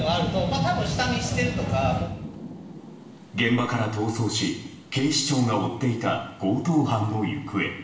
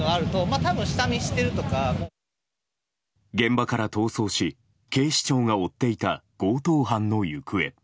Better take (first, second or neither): second